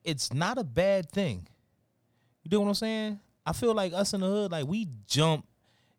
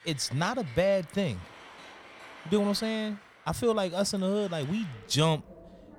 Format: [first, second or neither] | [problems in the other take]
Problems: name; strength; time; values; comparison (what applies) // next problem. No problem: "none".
first | traffic noise; noticeable; throughout; 20 dB below the speech